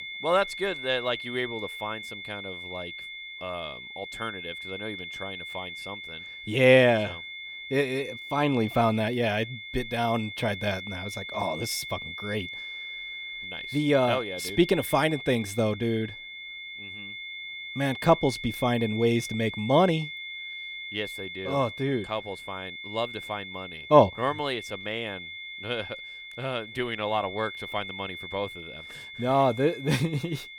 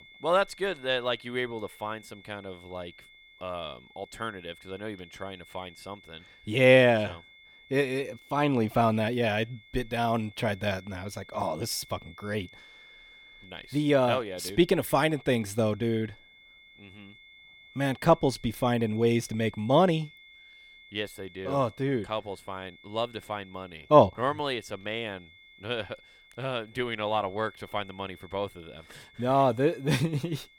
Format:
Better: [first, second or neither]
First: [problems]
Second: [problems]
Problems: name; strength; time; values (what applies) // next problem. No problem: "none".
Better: second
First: high-pitched whine; loud; throughout; 2 kHz, 10 dB below the speech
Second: high-pitched whine; faint; throughout; 2 kHz, 25 dB below the speech